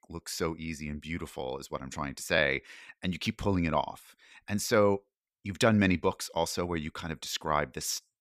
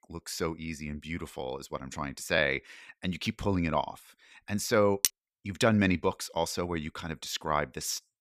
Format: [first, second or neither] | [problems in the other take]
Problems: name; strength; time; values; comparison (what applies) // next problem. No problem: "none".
first | clattering dishes; very faint; at 5 s; peak 2 dB above the speech